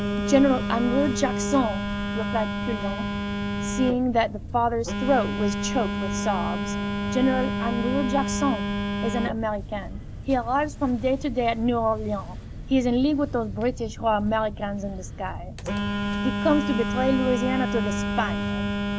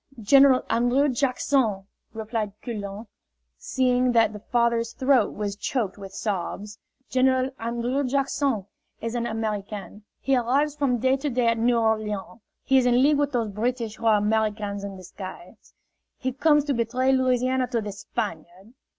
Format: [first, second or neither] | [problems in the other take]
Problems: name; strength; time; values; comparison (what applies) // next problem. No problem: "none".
second | background sound (Telephone); 3 dB below the speech